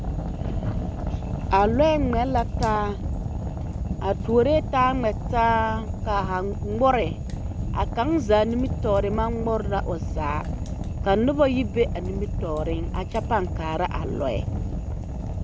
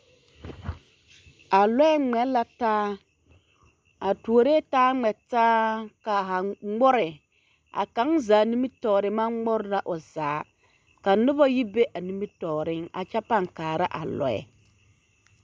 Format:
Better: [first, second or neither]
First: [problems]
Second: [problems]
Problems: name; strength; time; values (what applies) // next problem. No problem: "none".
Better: second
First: background sound (Fire); 3 dB below the speech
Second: none